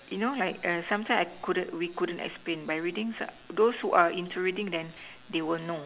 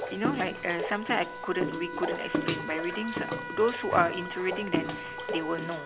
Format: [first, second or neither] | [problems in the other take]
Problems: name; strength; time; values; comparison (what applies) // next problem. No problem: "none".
first | background sound (Trumpet + Bathtub (filling or washing) / Water / Splash, splatter); 3 dB below the speech